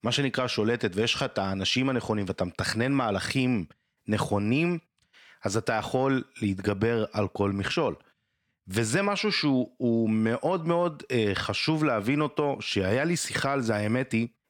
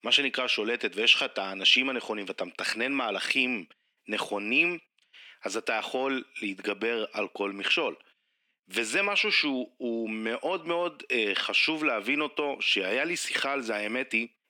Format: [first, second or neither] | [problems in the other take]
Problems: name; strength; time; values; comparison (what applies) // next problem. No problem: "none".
first | thin; very slightly; fading below 250 Hz